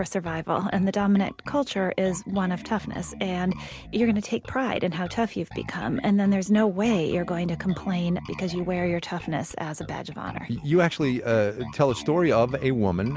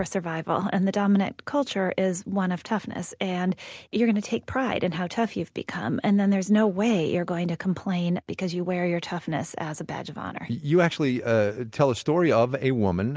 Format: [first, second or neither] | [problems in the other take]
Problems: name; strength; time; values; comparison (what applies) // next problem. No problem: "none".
second | background sound (Bass guitar); 16 dB below the speech